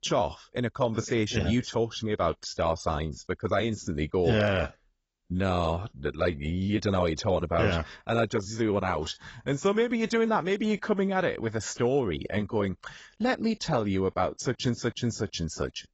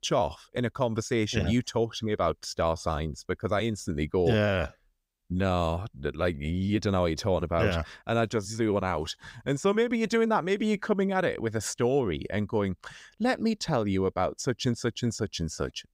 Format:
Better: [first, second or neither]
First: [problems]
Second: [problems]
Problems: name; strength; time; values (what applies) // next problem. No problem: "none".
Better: second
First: garbled, watery; badly; nothing above 7.5 kHz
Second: none